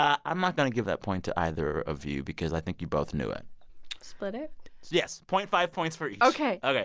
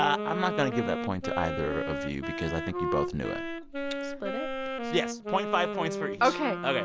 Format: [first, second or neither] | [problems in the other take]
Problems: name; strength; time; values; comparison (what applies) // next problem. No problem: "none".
first | background sound (Wind instrument, woodwind instrument); 3 dB below the speech